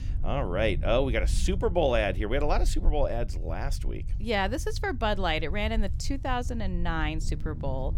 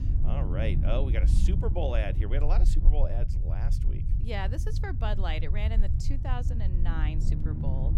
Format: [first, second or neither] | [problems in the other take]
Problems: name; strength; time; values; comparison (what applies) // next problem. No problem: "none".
first | low rumble; loud; throughout; 7 dB below the speech; faint in the first